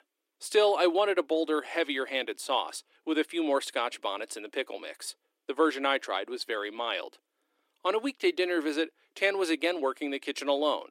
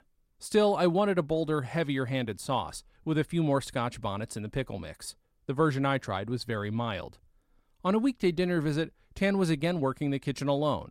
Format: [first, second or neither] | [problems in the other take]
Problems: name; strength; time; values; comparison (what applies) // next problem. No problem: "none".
second | thin; somewhat; fading below 300 Hz